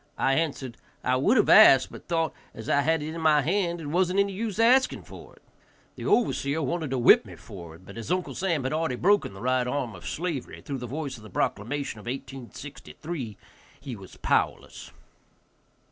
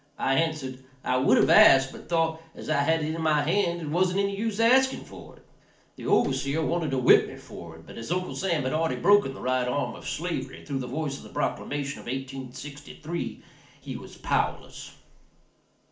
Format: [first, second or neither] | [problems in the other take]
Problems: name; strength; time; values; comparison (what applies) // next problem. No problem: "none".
first | background sound (Clapping); 17 dB below the speech // room echo; dies away in 0.4 s